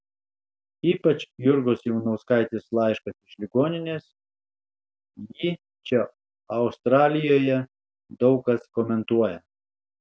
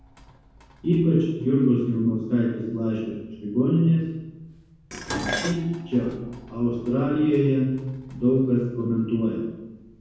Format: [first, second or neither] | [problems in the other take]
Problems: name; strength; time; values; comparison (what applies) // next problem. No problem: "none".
first | background sound (Dishes, pots, and pans); 16 dB below the speech // room echo; dies away in 1.1 s